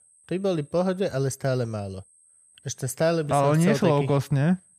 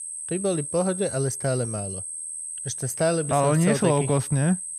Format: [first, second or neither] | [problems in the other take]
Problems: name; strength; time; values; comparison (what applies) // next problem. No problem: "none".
first | high-pitched whine; loud; throughout; 8.5 kHz, 7 dB below the speech; faint in the first